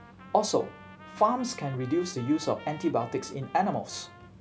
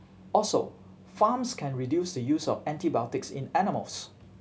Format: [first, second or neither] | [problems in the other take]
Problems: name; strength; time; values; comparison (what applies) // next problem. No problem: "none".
second | background sound (Trumpet); 19 dB below the speech